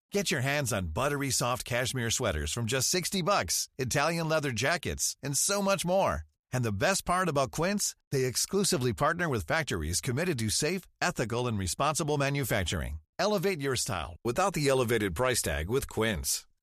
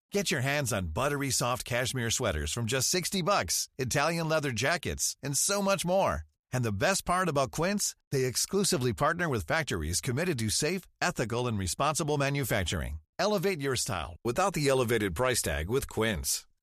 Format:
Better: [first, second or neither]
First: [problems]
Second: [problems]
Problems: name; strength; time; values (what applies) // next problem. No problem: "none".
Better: neither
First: none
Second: none